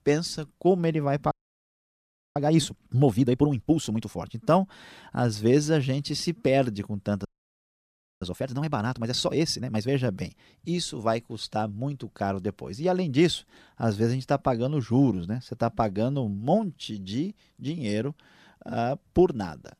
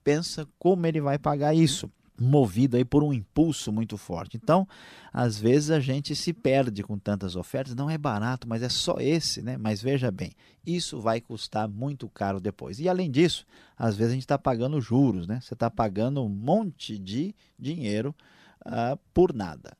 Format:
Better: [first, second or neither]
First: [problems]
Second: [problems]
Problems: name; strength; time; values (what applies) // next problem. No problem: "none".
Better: second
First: audio freezing; at 1.5 s for 1 s and at 7.5 s for 1 s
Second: none